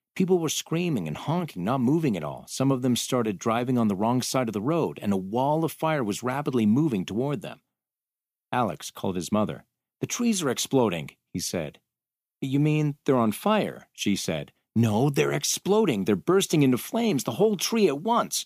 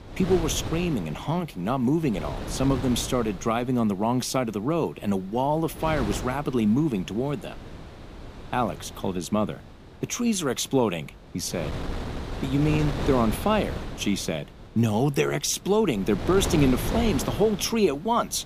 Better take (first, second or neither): first